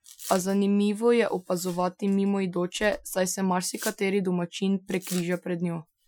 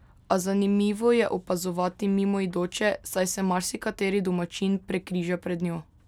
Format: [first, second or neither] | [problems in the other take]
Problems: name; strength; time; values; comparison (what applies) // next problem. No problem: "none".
second | noise reduction (classical method Wiener filter)